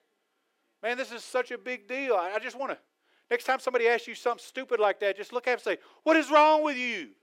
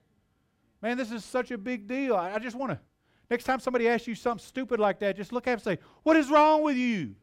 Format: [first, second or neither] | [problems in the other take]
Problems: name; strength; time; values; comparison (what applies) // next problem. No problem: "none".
second | thin; somewhat; fading below 350 Hz